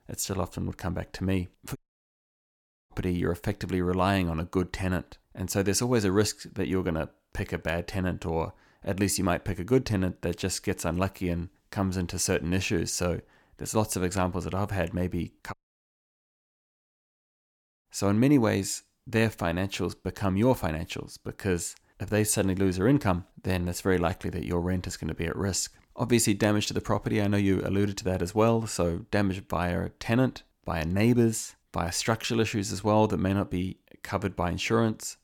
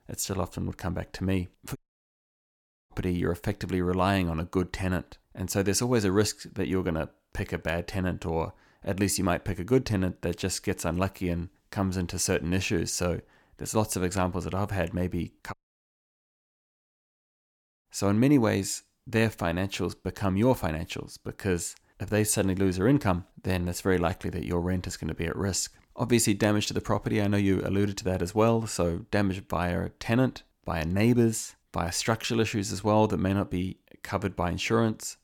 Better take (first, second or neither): neither